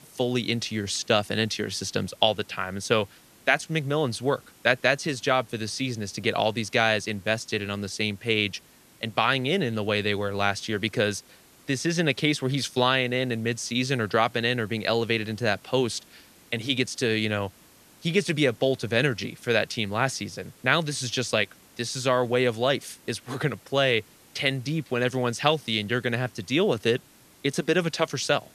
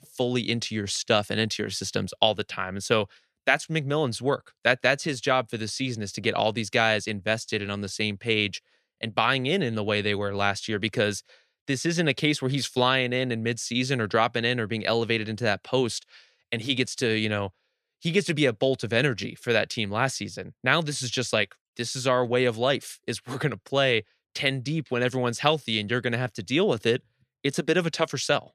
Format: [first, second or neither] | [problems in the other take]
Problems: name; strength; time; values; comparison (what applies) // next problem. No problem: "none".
second | hiss; faint; throughout; 25 dB below the speech